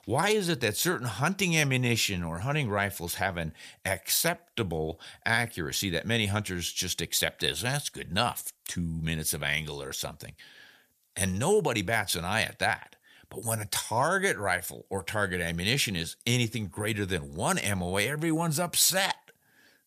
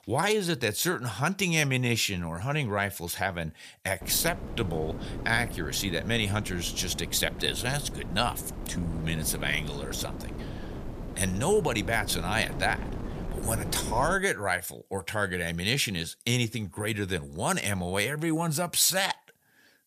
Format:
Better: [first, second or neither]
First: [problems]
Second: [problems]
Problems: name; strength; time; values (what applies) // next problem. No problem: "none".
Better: first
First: none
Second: wind noise on the microphone; occasional gusts; from 4 to 14 s; 15 dB below the speech